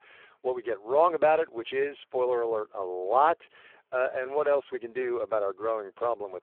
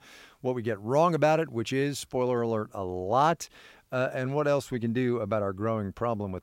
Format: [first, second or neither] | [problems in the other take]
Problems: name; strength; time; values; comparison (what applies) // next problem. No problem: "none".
second | phone-call audio; poor line